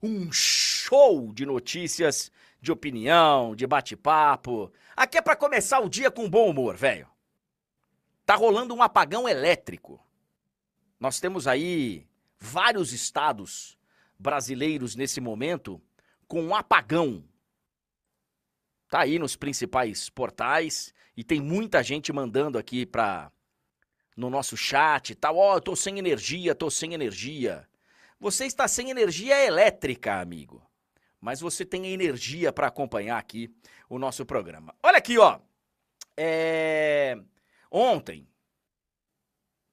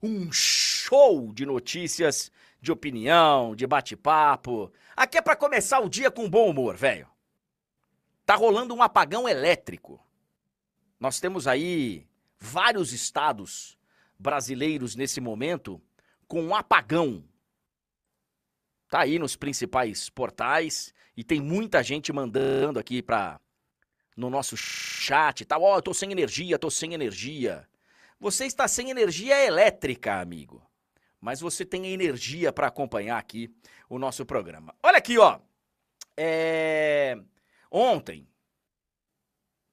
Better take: first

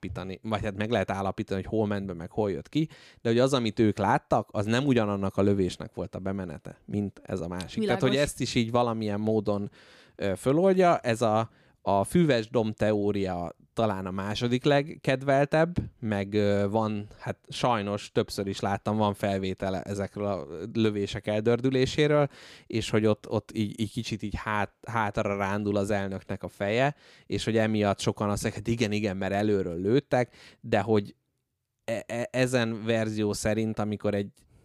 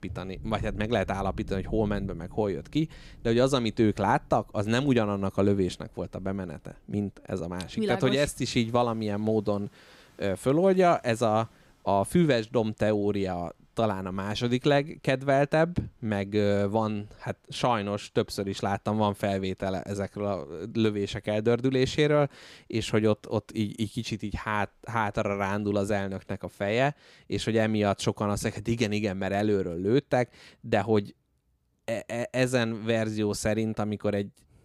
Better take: first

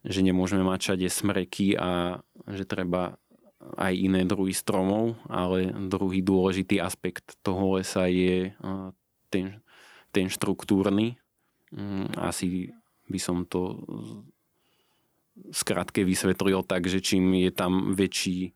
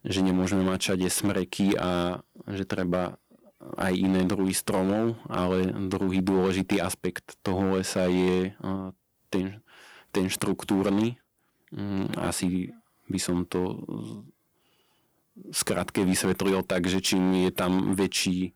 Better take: first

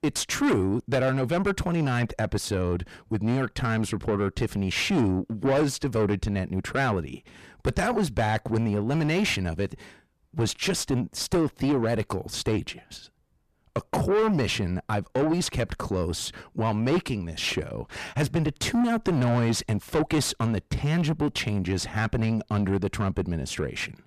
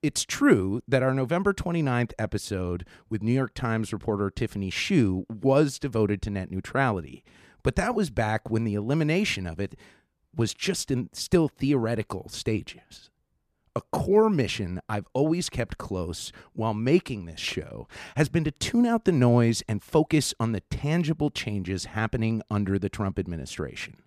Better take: second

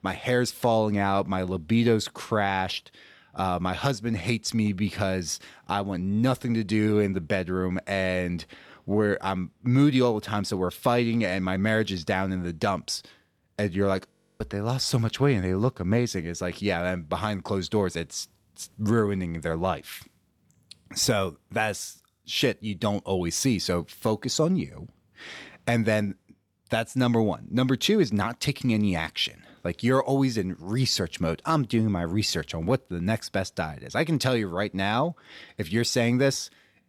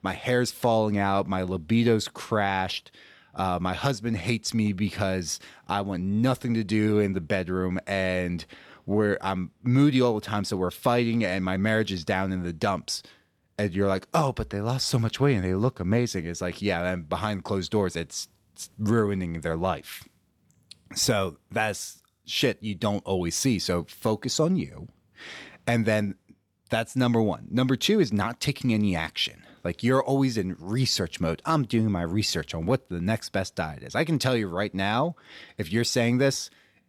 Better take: second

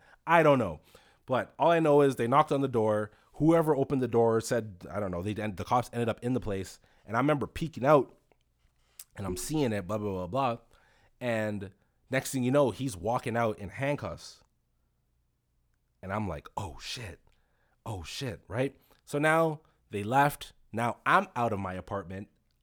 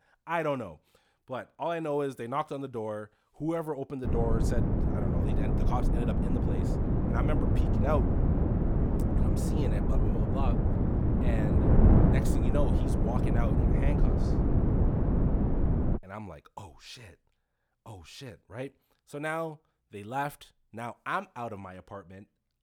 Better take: first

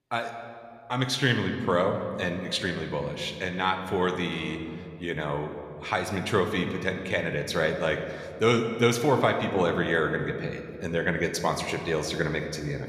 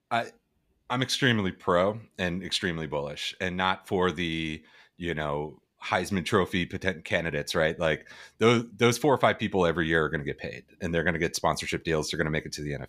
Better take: second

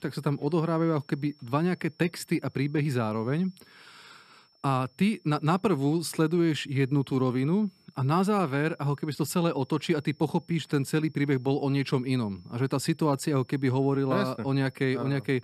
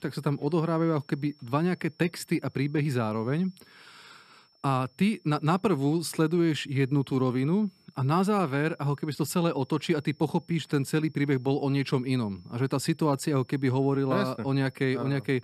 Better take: neither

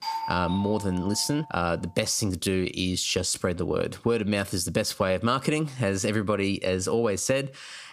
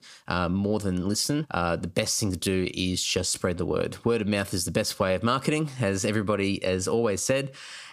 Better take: second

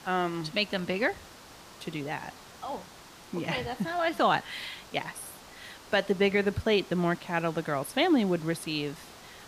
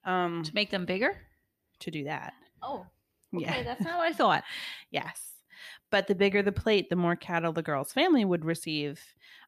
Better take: second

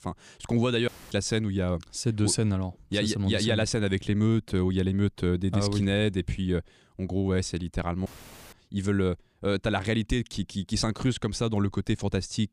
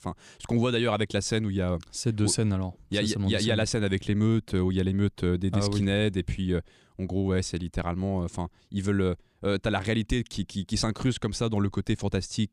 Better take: second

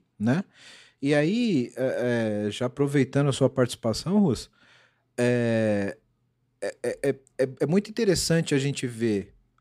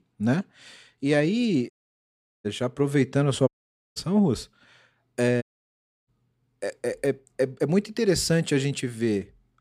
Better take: first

